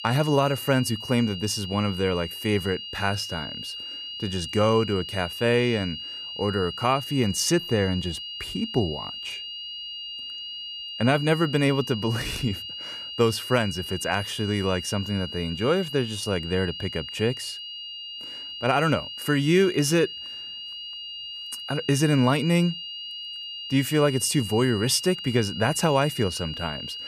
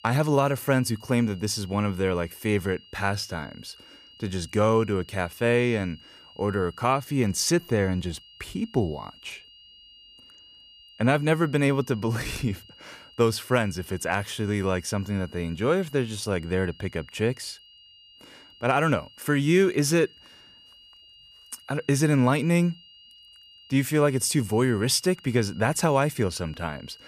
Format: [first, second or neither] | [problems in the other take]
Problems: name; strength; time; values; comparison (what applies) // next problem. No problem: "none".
second | high-pitched whine; loud; throughout; 3 kHz, 9 dB below the speech; faint in the second